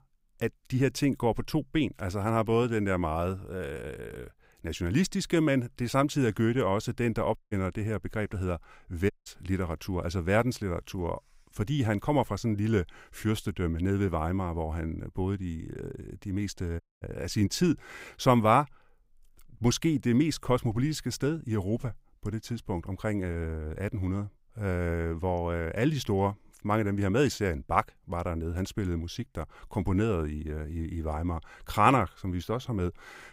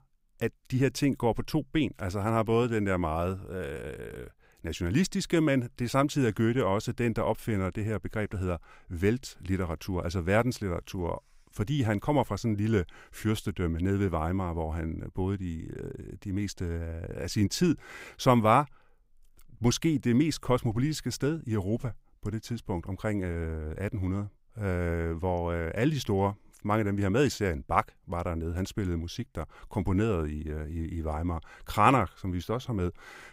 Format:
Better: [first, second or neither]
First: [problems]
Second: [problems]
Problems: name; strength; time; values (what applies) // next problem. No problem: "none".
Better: second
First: audio cutting out; at 7.5 s, at 9 s and at 17 s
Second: none